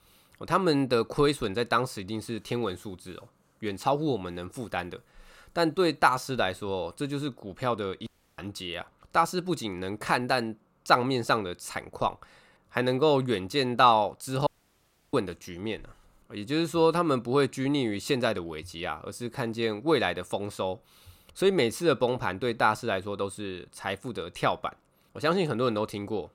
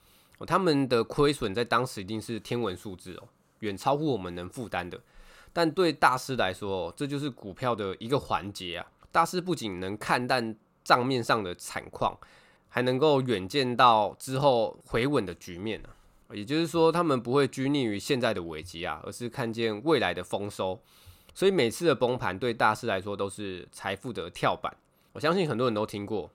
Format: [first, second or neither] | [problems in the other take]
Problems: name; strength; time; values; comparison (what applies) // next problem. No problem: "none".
second | audio cutting out; at 8 s and at 14 s for 0.5 s